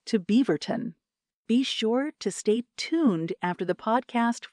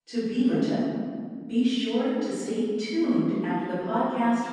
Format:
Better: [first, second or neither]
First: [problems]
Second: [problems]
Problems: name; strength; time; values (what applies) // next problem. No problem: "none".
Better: first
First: none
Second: room echo; strong; dies away in 2 s // off-mic speech; far